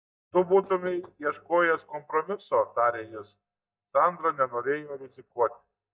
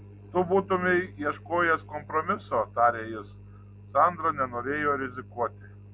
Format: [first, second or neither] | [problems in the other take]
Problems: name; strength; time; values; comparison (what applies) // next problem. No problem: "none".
second | noise reduction (neural mask model DeepFilterNet 3)